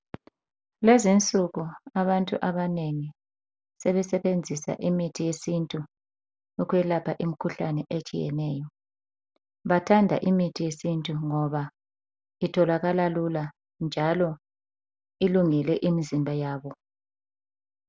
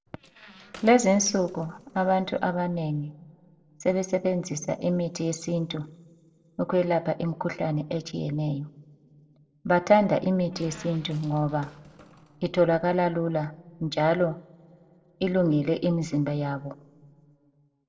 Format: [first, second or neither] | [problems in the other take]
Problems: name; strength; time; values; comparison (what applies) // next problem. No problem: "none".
first | noise reduction (neural separator model SepFormer DNS4)